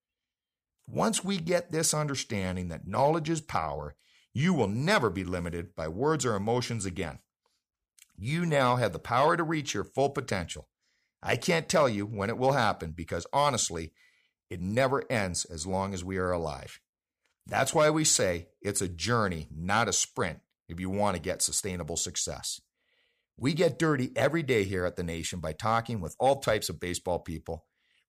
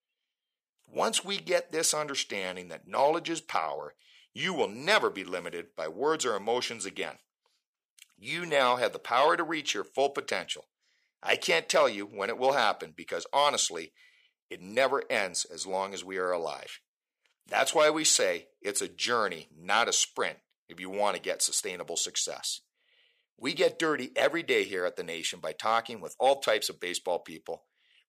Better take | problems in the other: first | thin; somewhat; fading below 400 Hz

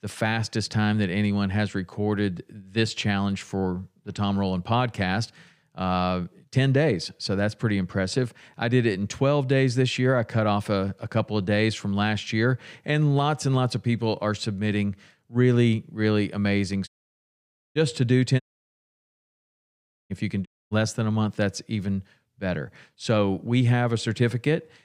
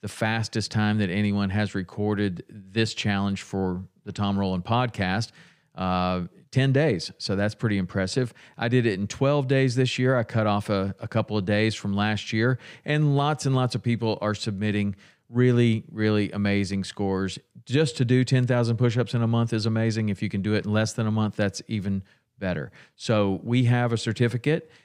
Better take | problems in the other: second | audio cutting out; at 17 s for 1 s, at 18 s for 1.5 s and at 20 s

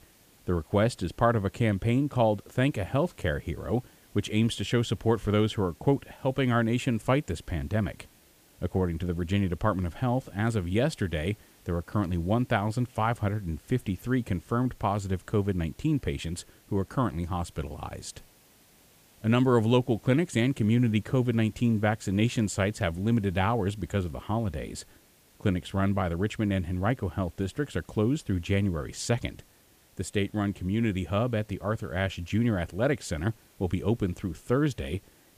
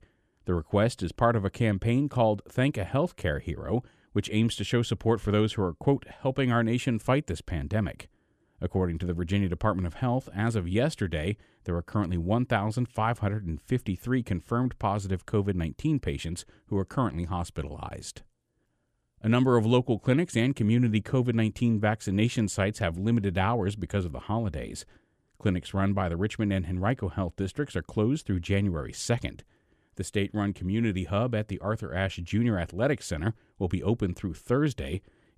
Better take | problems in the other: second | hiss; faint; throughout; 30 dB below the speech

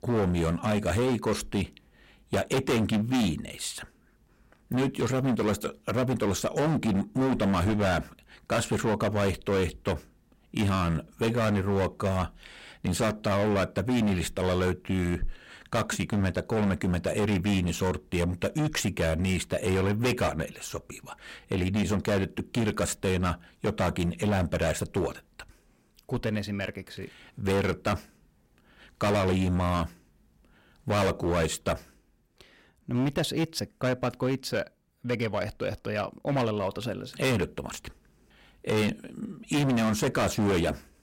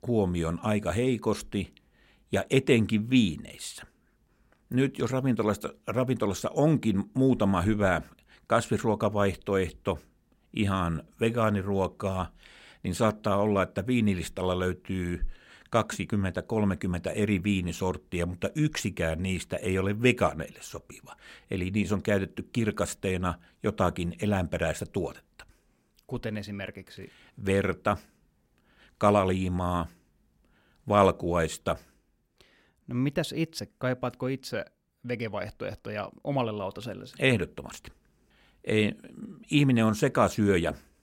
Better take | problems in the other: second | distortion; heavy; 15% of the sound clipped

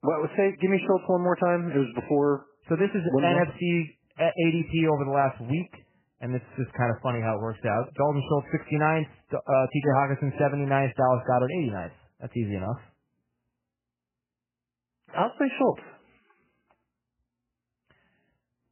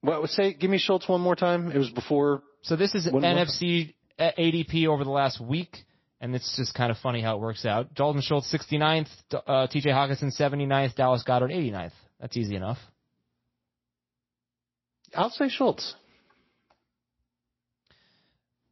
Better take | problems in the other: second | garbled, watery; badly; nothing above 3 kHz; slightly in the second

